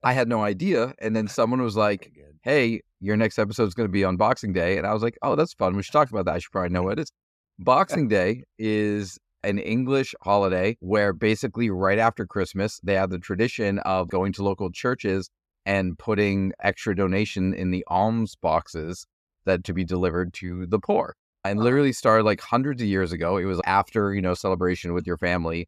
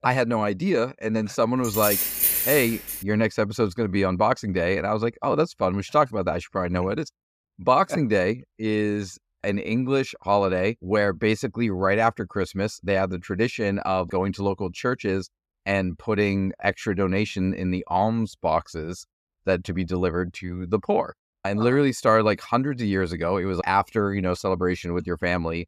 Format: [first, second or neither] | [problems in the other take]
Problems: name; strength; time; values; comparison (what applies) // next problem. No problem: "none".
first | jangling keys; loud; from 1.5 to 3 s; peak 5 dB above the speech